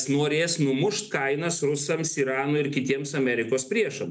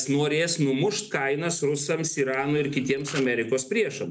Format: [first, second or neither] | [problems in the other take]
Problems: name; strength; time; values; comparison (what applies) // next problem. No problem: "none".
first | background sound (Camera); 17 dB below the speech